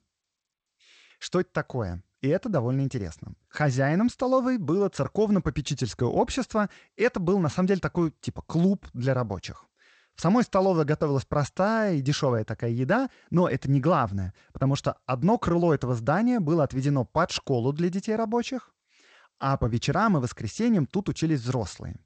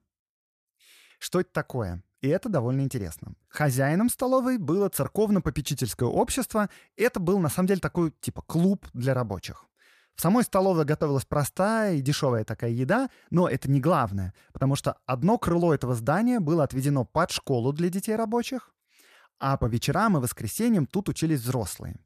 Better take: second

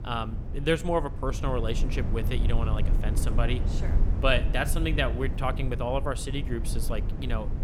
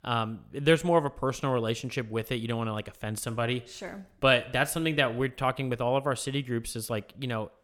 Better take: second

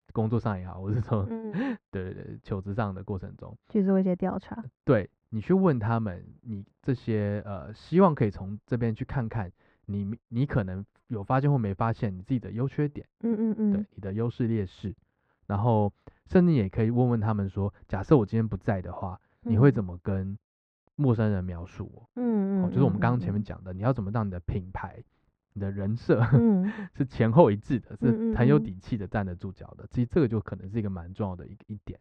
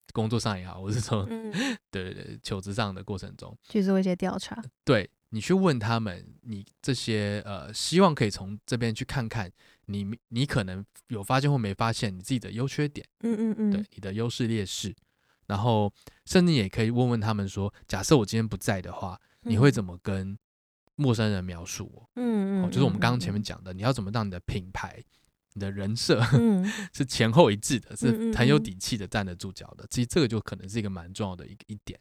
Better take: second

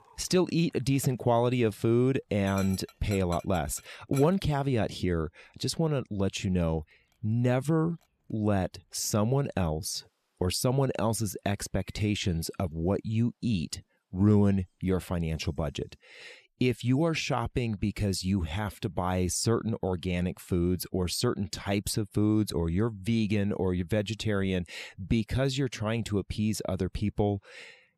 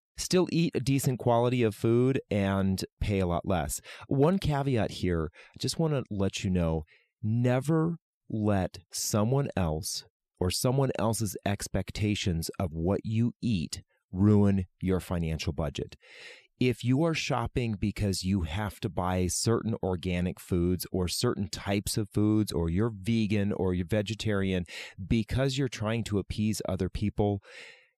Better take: second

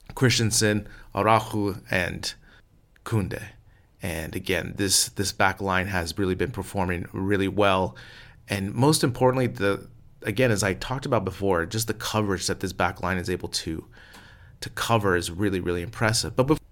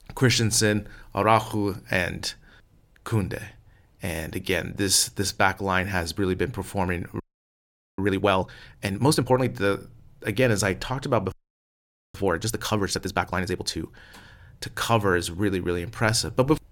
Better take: first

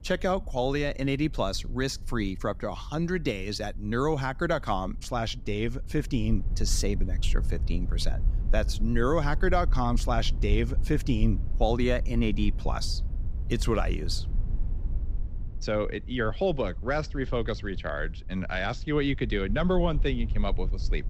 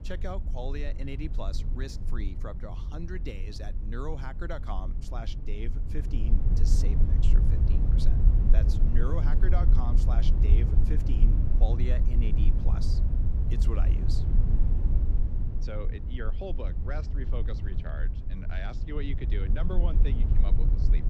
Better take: first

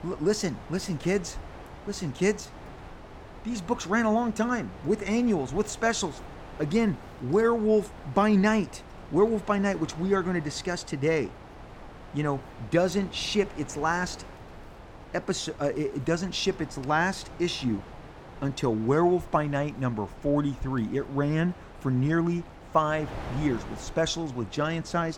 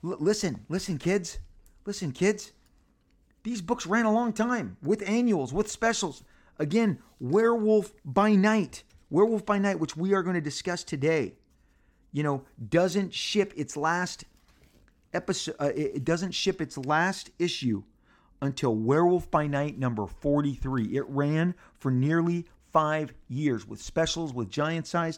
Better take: second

